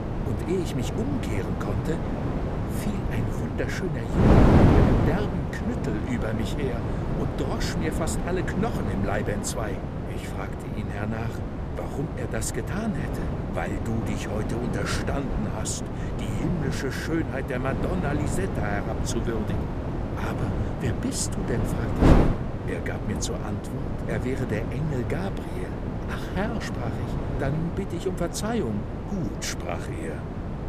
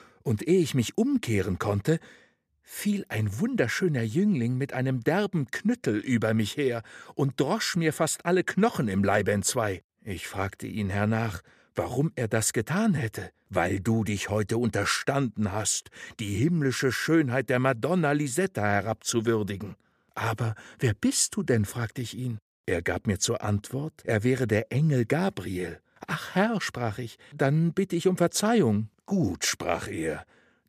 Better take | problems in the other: second | wind noise on the microphone; heavy; 1 dB above the speech

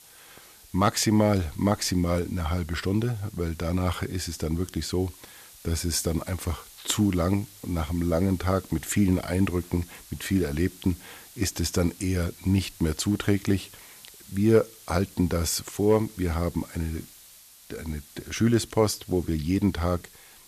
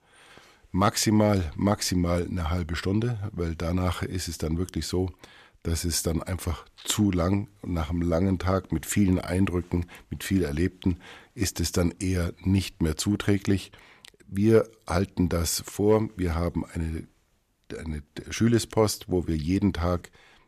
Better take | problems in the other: second | hiss; faint; throughout; 20 dB below the speech

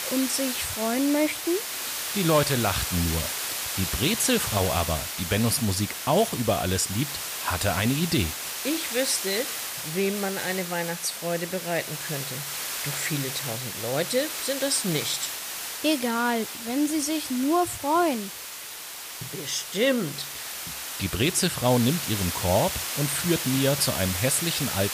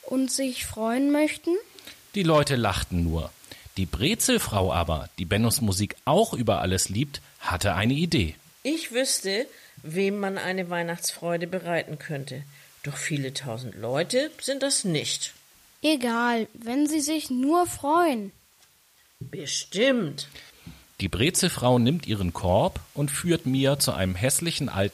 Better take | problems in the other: second | hiss; loud; throughout; 4 dB below the speech; faint in the second

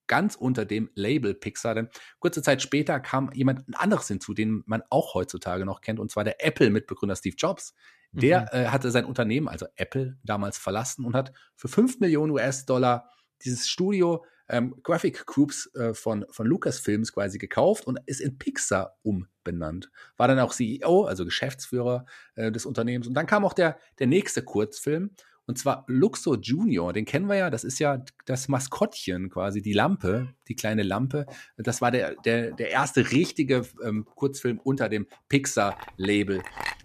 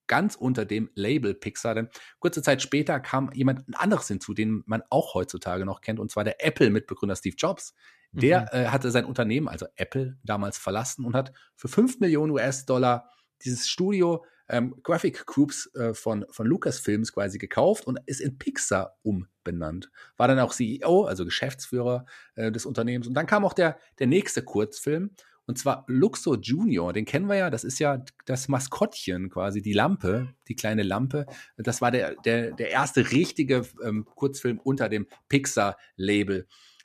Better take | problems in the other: second | clattering dishes; noticeable; from 36 s on; peak 6 dB below the speech

